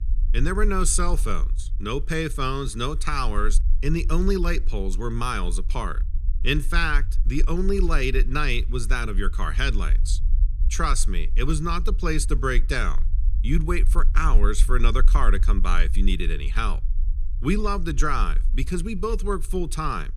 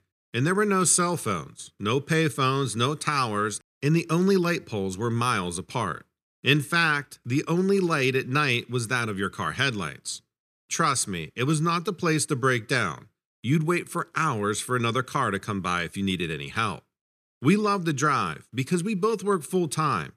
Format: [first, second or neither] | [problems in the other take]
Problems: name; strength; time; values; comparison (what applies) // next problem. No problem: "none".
second | low rumble; faint; throughout; 25 dB below the speech